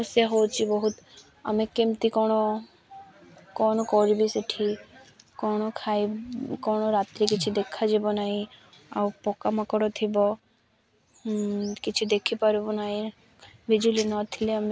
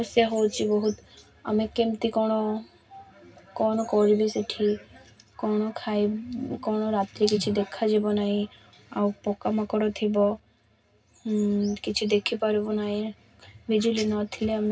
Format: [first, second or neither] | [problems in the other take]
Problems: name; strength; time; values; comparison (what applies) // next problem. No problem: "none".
first | room echo; dies away in 0.4 s